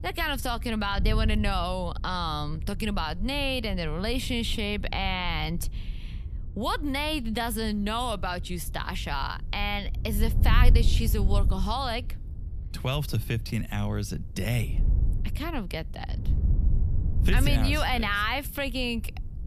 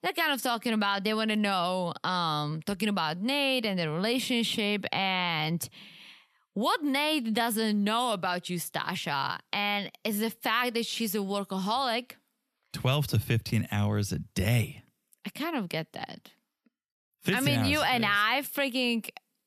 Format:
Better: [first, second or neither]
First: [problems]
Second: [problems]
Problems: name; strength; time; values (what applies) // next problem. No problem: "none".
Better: second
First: wind noise on the microphone; occasional gusts; 20 dB below the speech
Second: none